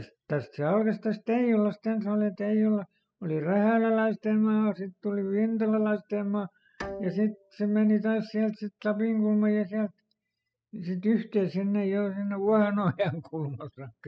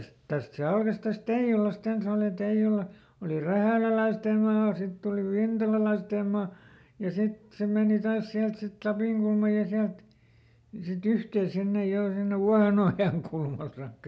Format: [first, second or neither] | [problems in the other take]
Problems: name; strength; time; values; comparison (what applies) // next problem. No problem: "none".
second | noise reduction (classical method spectral subtraction)